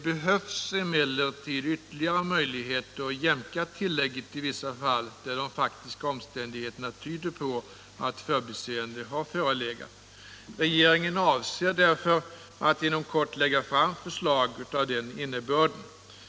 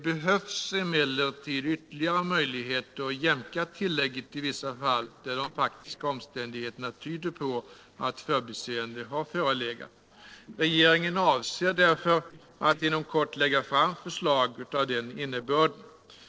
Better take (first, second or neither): first